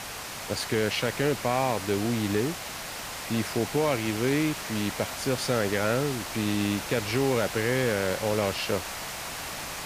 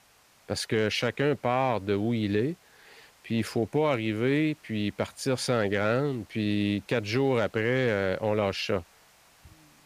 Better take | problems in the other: second | hiss; loud; throughout; 6 dB below the speech; faint in the second

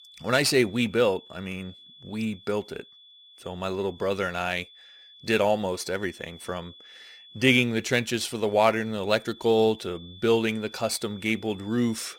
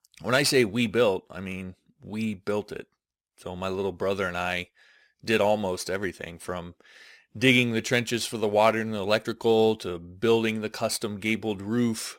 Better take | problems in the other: second | high-pitched whine; faint; throughout; 3.5 kHz, 20 dB below the speech

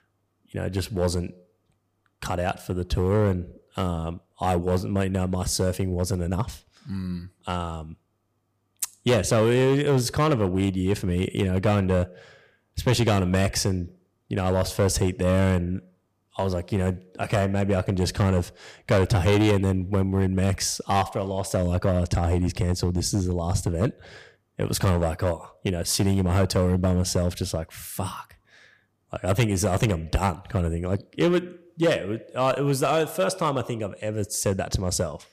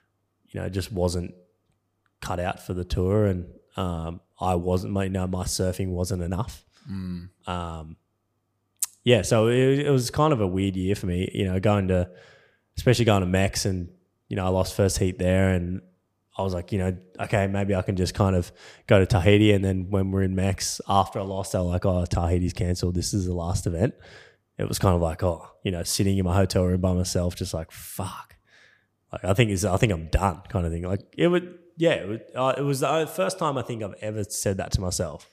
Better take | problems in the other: second | distortion; slight; 5% of the sound clipped

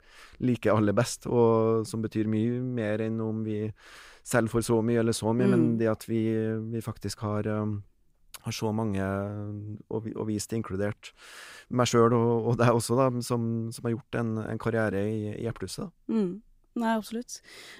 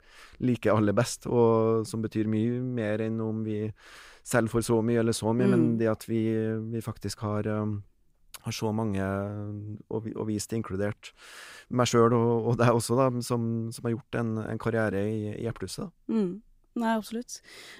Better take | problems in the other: neither | none

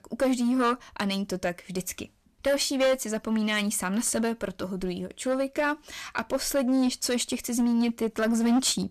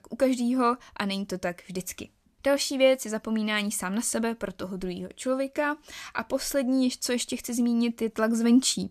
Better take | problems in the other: second | distortion; slight; 8% of the sound clipped

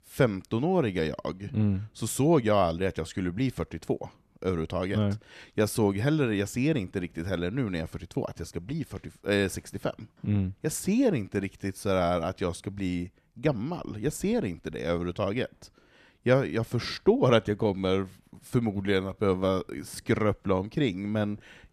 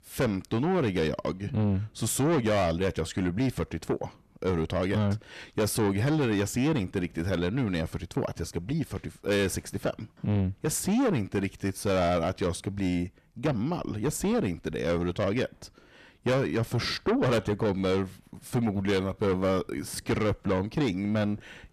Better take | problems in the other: first | distortion; heavy; 8 dB below the speech

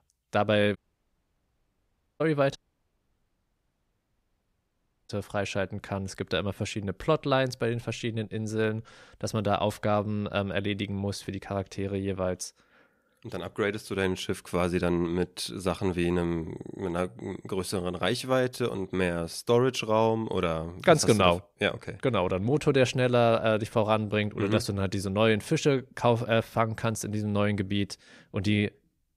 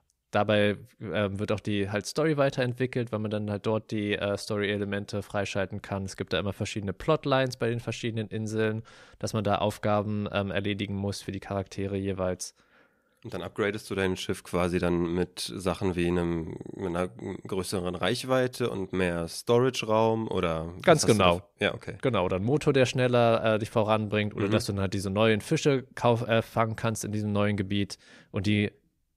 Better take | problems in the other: second | audio cutting out; at 1 s for 1.5 s and at 2.5 s for 2.5 s

